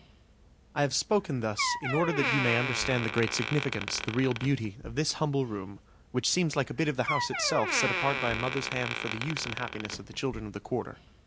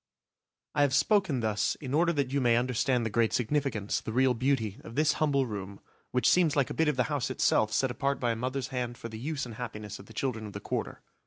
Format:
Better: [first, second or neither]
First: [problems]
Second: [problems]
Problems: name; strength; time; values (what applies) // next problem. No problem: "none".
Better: second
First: background sound (Door); 5 dB below the speech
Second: none